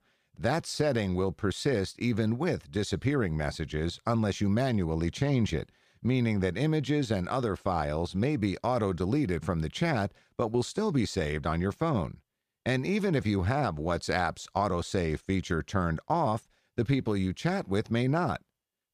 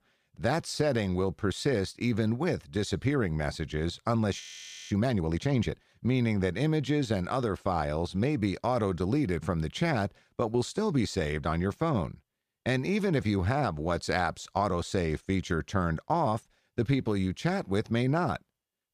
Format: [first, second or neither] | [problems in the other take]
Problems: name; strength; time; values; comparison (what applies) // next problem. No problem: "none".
first | audio freezing; at 4.5 s for 0.5 s